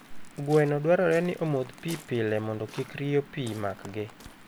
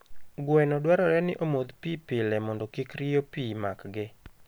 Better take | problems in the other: second | background sound (Waves, surf); 20 dB below the speech

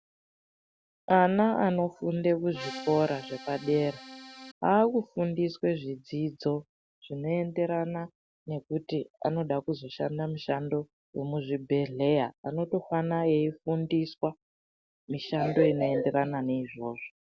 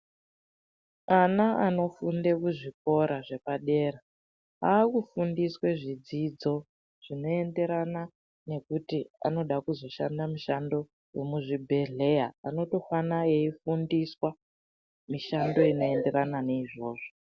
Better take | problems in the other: second | background sound (Accordion); 14 dB below the speech

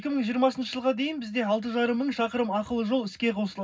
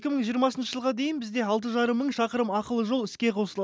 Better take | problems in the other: second | room echo; dies away in 0.4 s

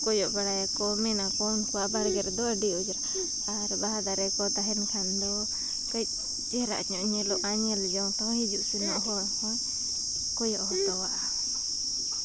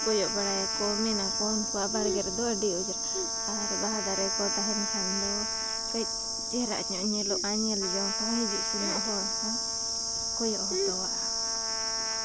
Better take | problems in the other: first | background sound (Trumpet); 12 dB below the speech

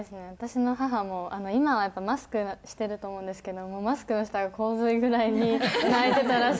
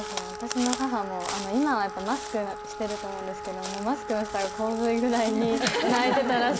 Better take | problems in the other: first | background sound (Wind instrument, woodwind instrument + Crow); 8 dB below the speech

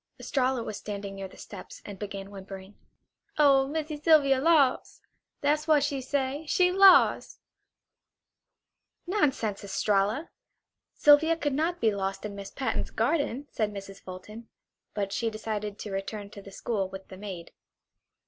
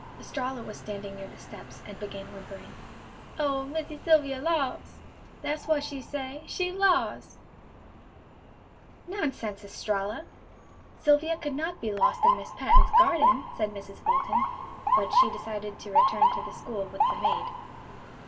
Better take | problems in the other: first | background sound (Motor vehicle (road) / Siren); as loud as the speech // room echo; dies away in 0.1 s

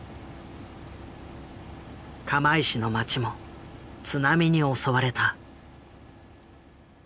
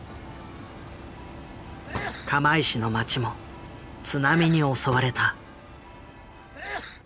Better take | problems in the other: first | background sound (Sneeze / Church bell + Fireworks); 13 dB below the speech

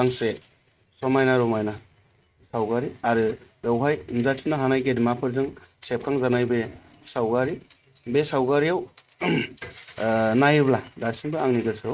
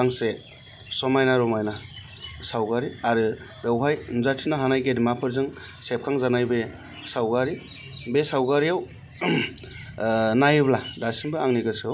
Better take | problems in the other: second | noise reduction (neural mask model RNNoise)

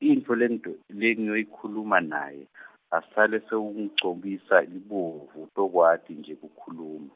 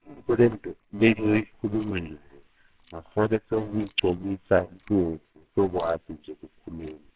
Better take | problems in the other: first | noise reduction (neural separator model SepFormer WHAMR!)

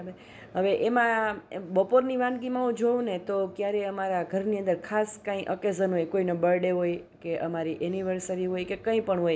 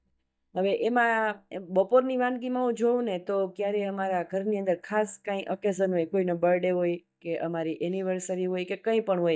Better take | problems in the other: first | noise reduction (neural mask model DeepFilterNet 3)

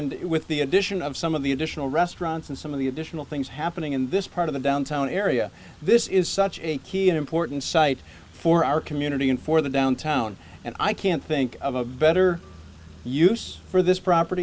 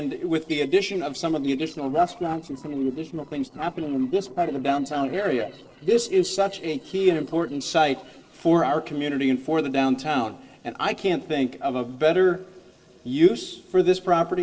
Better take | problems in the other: first | noise reduction (neural separator model SepFormer DNS4)

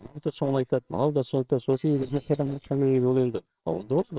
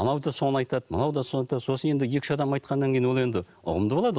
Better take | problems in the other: second | noise reduction (neural separator model SepFormer WHAMR!)

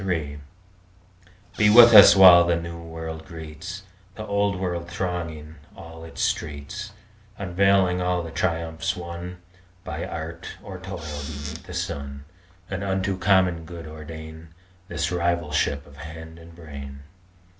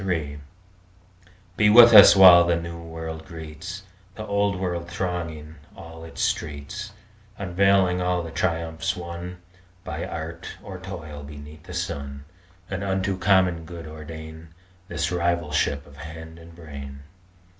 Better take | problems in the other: second | background sound (Squeak / Cupboard open or close); 13 dB below the speech

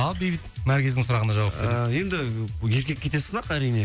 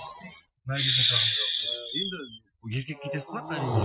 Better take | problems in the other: first | noise reduction (classical method Wiener filter)

